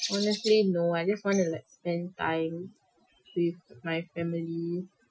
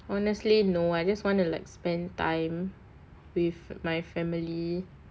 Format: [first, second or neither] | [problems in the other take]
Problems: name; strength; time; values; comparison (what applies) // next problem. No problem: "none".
second | noise reduction (classical method Wiener filter)